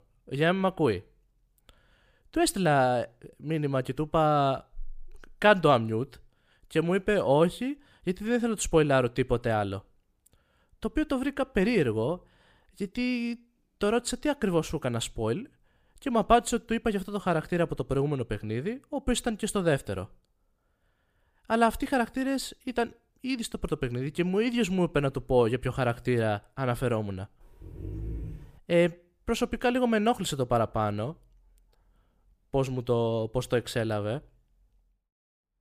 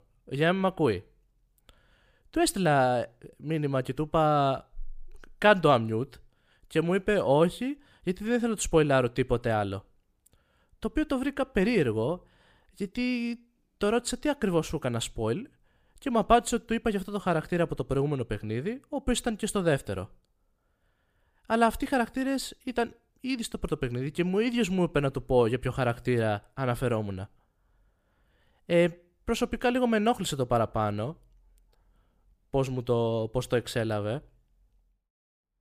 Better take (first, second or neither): second